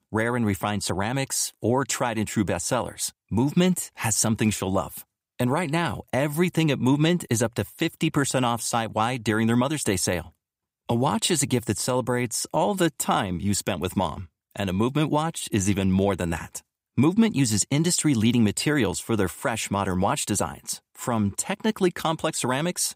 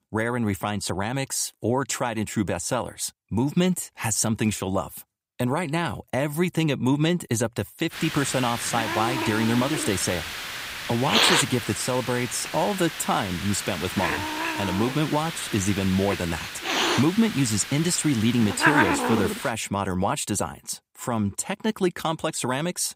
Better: first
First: none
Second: hiss; loud; from 8 to 20 s; 2 dB below the speech

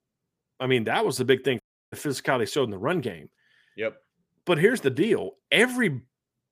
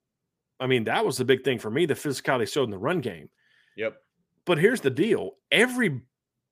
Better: second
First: audio cutting out; at 1.5 s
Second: none

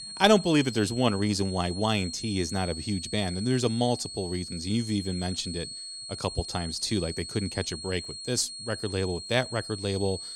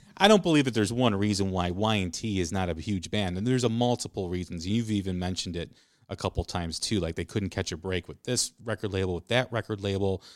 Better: second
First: high-pitched whine; loud; throughout; 4.5 kHz, 9 dB below the speech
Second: none

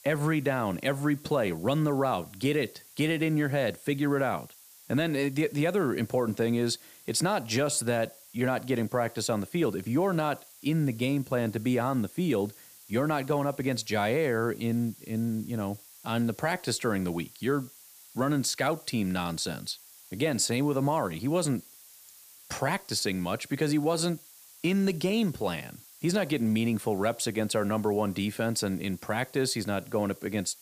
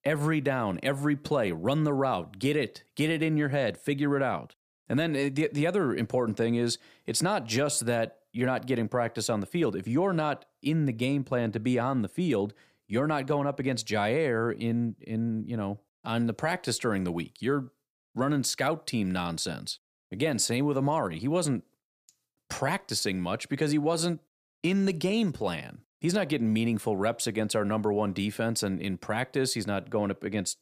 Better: second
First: hiss; faint; throughout; 20 dB below the speech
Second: none

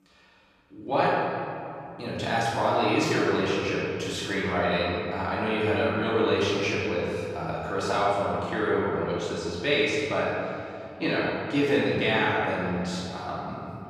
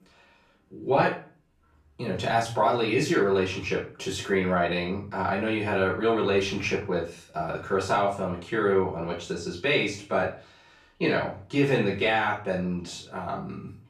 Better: second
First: room echo; strong; dies away in 2.5 s // off-mic speech; far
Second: room echo; slight; dies away in 0.3 s // off-mic speech; far

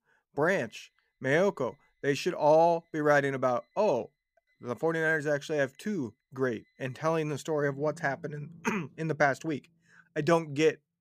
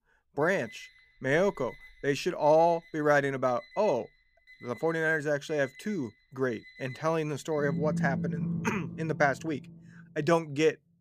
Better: first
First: alarms or sirens; faint; throughout; 30 dB below the speech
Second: alarms or sirens; loud; throughout; 9 dB below the speech

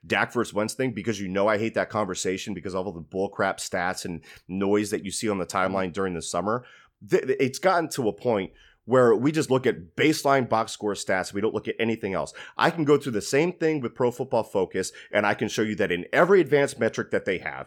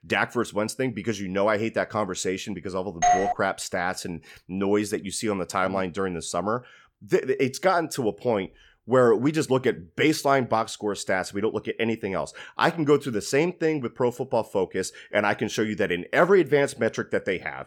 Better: first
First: none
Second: doorbell; loud; at 3 s; peak 3 dB above the speech

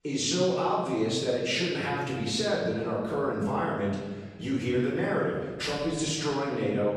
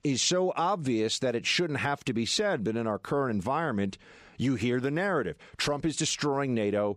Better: second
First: off-mic speech; far // room echo; noticeable; dies away in 1.3 s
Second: none

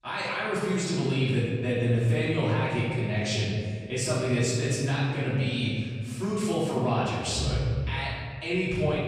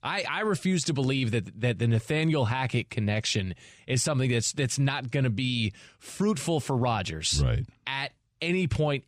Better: second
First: off-mic speech; far // room echo; strong; dies away in 1.9 s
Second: none

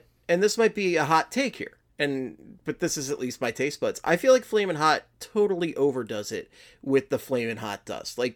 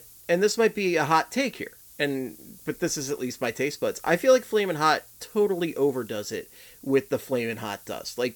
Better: first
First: none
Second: hiss; faint; throughout; 20 dB below the speech

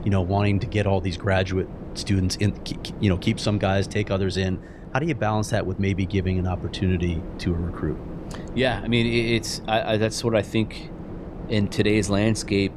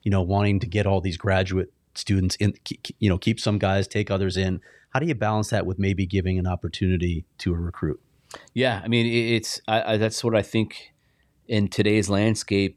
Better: second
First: low rumble; noticeable; throughout; 15 dB below the speech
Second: none

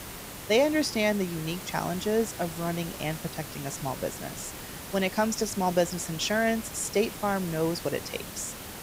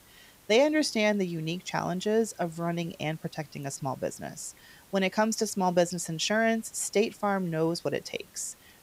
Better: second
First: hiss; loud; throughout; 10 dB below the speech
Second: hiss; faint; throughout; 25 dB below the speech

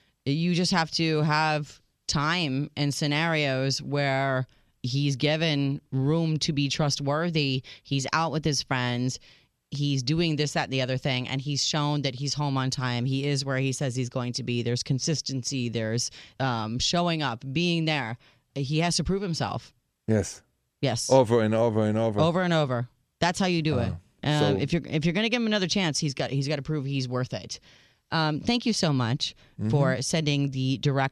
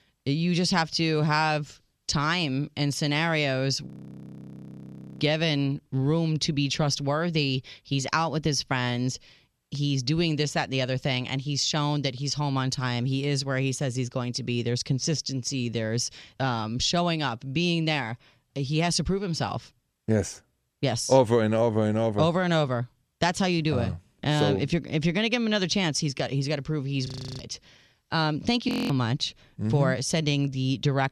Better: first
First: none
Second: audio freezing; at 4 s for 1.5 s, at 27 s and at 29 s

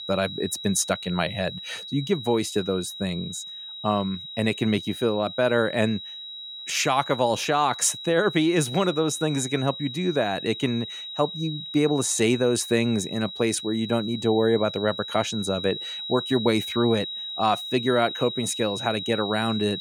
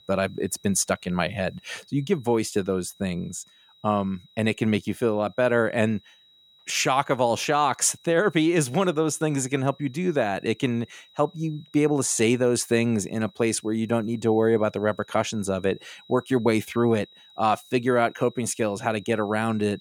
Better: second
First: high-pitched whine; loud; throughout; 4 kHz, 9 dB below the speech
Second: high-pitched whine; faint; throughout; 4 kHz, 30 dB below the speech

